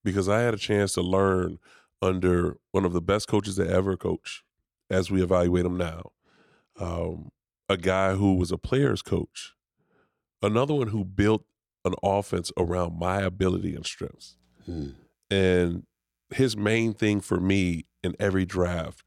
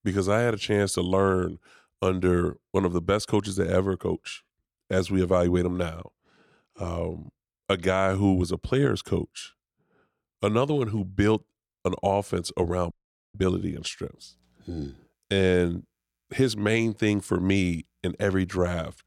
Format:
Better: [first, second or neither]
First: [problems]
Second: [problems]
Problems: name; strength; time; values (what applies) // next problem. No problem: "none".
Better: first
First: none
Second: audio cutting out; at 13 s